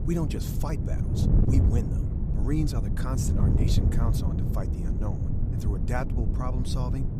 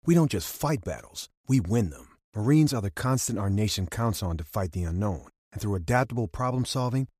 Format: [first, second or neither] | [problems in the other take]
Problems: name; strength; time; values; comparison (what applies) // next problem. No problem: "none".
second | wind noise on the microphone; heavy; 1 dB below the speech